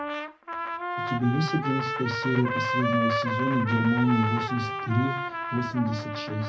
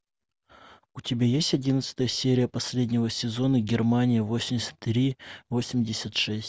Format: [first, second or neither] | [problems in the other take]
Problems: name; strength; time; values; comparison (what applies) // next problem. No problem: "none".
second | background sound (Trumpet); 3 dB below the speech // room echo; dies away in 0.4 s